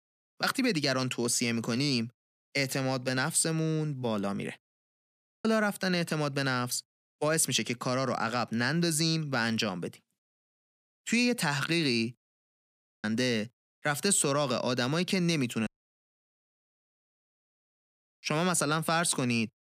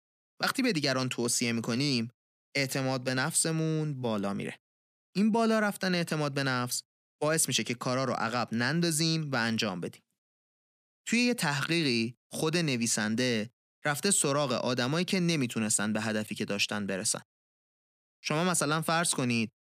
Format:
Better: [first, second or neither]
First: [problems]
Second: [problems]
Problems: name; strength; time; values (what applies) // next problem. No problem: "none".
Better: second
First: audio cutting out; at 5 s, at 12 s for 1 s and at 16 s for 2 s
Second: none